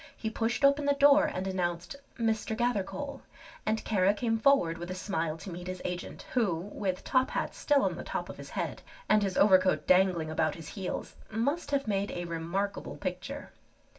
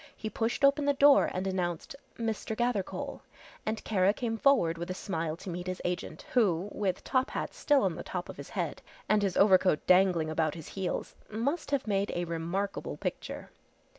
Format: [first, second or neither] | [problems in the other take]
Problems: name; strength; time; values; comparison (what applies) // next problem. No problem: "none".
second | room echo; dies away in 0.2 s